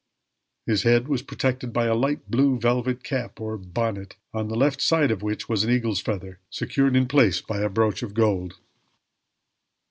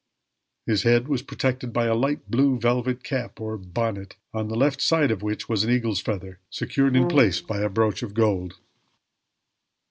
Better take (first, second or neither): first